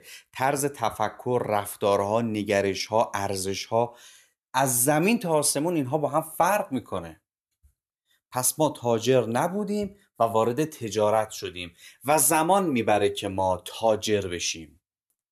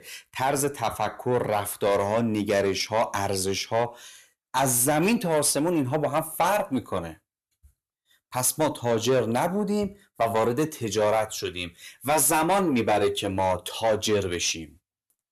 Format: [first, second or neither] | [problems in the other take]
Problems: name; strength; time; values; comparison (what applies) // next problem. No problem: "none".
first | distortion; slight; 10 dB below the speech